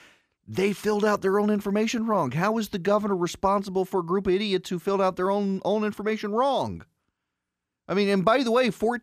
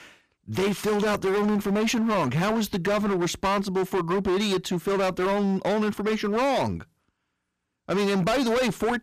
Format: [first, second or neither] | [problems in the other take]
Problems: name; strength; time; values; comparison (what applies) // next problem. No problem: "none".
first | distortion; heavy; 26% of the sound clipped